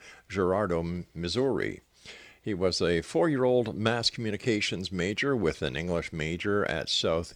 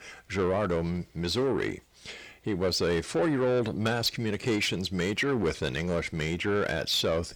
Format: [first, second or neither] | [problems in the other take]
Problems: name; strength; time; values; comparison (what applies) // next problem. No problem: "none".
first | distortion; slight; 10 dB below the speech